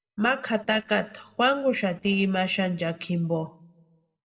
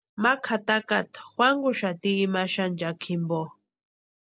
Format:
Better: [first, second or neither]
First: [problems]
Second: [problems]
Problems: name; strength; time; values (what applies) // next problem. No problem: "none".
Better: second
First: noise reduction (neural separator model SepFormer DNS4)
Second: none